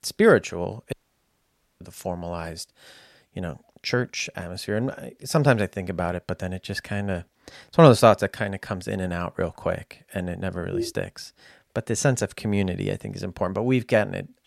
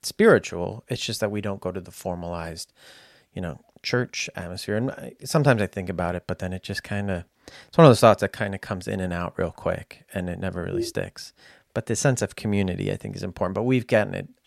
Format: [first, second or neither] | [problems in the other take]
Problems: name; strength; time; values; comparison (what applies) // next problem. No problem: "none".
second | audio cutting out; at 1 s for 1 s